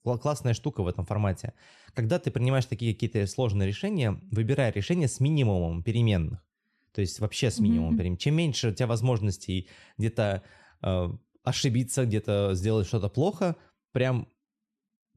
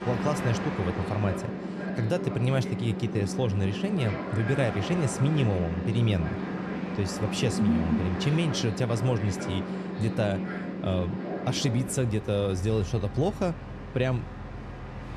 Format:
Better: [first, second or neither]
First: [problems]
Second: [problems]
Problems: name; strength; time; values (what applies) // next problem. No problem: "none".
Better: first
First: none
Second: train or aircraft noise; loud; throughout; 5 dB below the speech